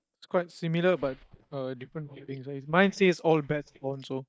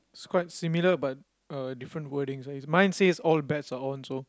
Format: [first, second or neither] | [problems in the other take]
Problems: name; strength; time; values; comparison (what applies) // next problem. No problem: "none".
second | noise reduction (neural mask model DeepFilterNet 3)